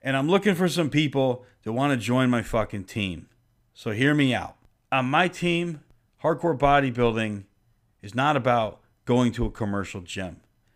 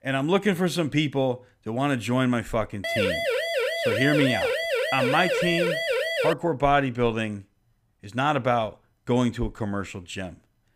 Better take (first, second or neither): first